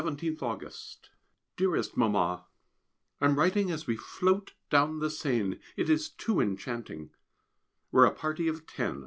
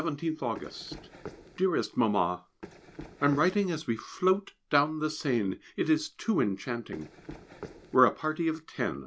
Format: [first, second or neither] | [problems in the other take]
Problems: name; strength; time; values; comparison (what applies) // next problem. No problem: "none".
first | background sound (Run); 16 dB below the speech